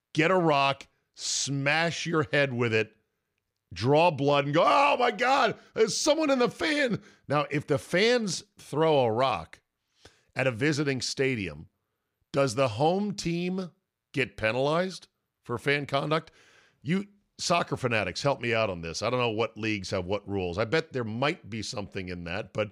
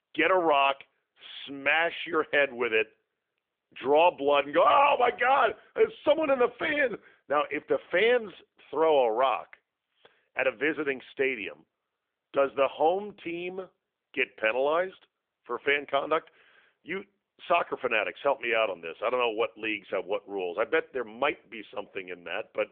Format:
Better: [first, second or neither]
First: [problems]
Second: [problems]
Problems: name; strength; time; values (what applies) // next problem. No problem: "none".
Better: first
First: none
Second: phone-call audio